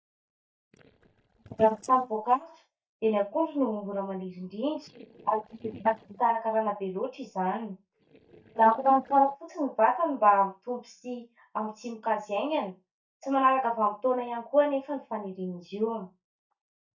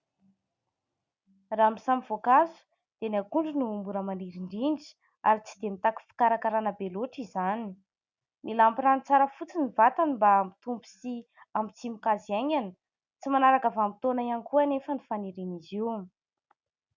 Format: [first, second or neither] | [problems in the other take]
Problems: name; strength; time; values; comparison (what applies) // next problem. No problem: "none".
second | noise reduction (neural mask model DeepFilterNet 3)